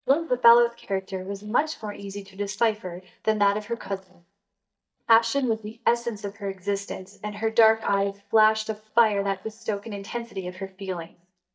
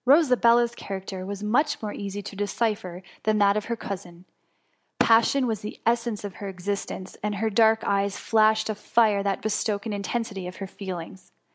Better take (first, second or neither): second